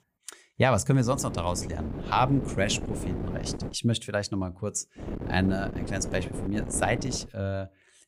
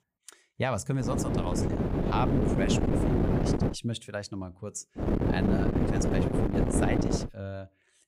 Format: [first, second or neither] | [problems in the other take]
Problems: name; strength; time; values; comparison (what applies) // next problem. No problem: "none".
first | wind noise on the microphone; heavy; from 1 to 3.5 s and from 5 to 7 s; 3 dB above the speech; occasional gusts in the first